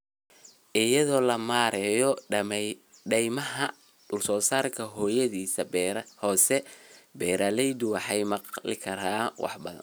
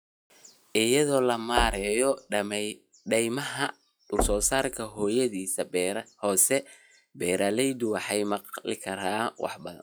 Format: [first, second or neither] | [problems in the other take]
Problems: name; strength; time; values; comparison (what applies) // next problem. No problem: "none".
first | noise reduction (classical method log-MMSE)